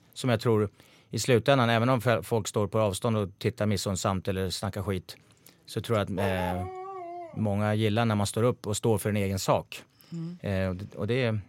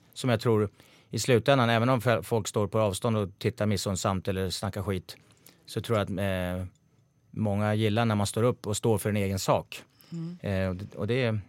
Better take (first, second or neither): second